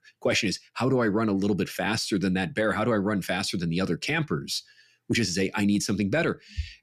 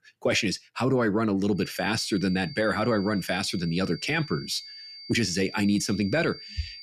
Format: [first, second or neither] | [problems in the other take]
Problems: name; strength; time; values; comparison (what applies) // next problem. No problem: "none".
first | high-pitched whine; noticeable; from 1.5 s on; 4.5 kHz, 15 dB below the speech